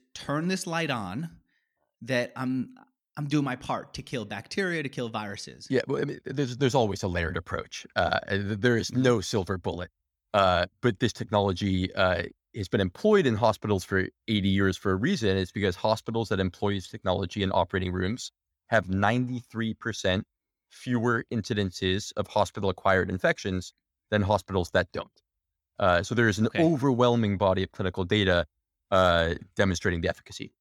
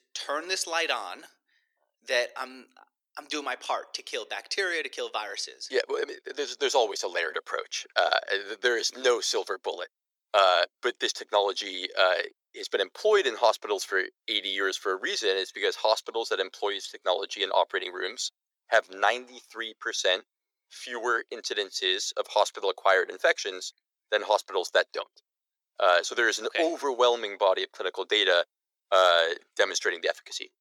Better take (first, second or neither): first